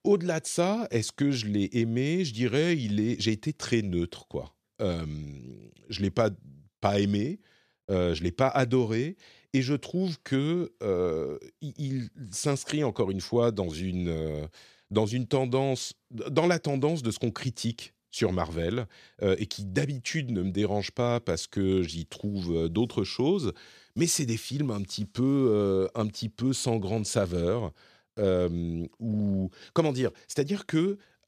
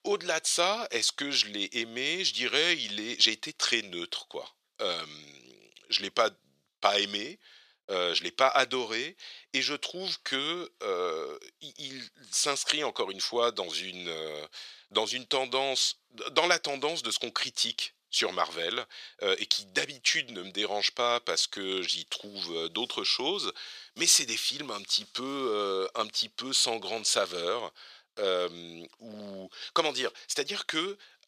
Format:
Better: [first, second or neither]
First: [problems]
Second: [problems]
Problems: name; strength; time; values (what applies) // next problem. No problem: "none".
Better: first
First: none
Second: thin; very; fading below 650 Hz